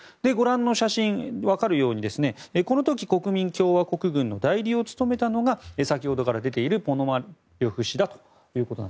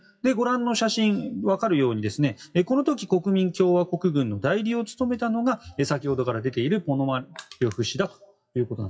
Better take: first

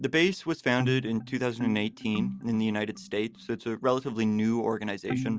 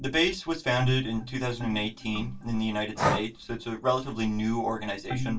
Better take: first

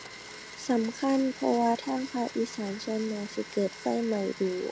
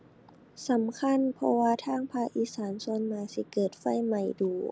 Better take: second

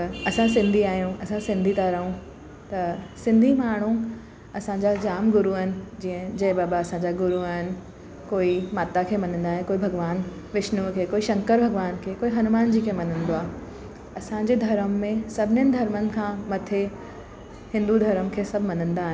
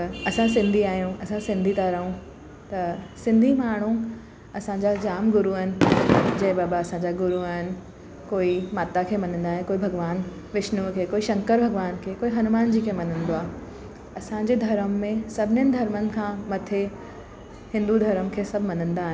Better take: first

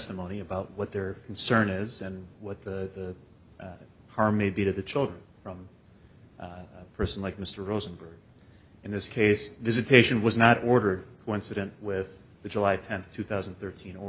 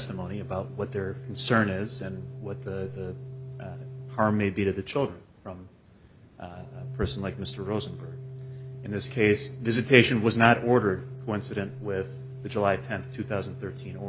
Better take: first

